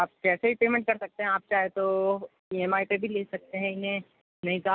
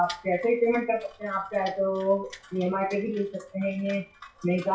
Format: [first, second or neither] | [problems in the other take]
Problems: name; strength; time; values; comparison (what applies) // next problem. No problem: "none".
first | noise reduction (classical method WPE with log-MMSE)